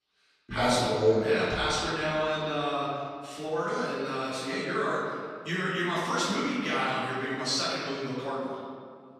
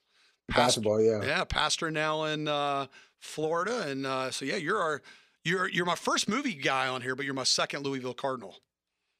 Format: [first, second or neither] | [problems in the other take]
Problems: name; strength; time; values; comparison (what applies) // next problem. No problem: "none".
second | off-mic speech; far // room echo; strong; dies away in 1.8 s